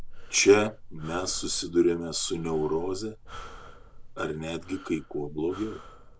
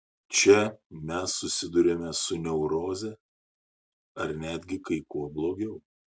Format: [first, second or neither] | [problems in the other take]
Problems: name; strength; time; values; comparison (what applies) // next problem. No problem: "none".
second | background sound (Breathing); 13 dB below the speech